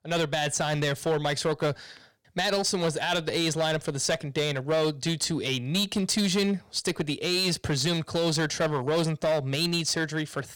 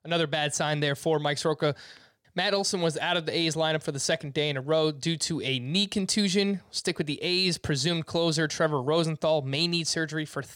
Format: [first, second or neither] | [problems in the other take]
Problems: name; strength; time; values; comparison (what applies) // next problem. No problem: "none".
second | distortion; slight; 9% of the sound clipped